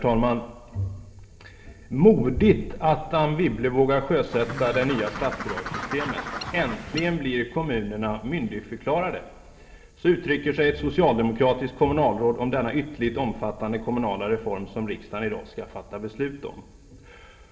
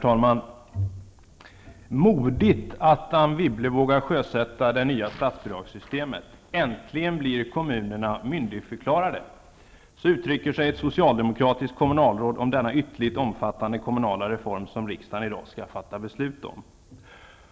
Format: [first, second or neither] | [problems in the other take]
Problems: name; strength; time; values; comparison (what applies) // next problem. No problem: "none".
second | background sound (Bird); 8 dB below the speech // room echo; dies away in 2.2 s